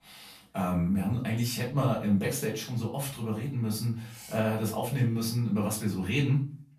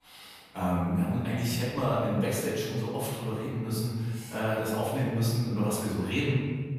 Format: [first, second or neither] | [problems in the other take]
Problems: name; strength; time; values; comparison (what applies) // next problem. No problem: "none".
first | room echo; strong; dies away in 1.5 s; slight in the first // off-mic speech; far; far in the first